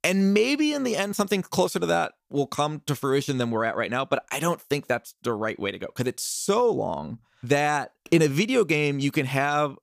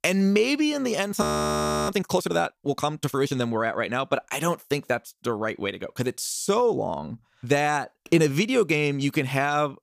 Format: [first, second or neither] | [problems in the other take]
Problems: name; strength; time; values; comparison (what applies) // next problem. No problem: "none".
first | audio freezing; at 1 s for 0.5 s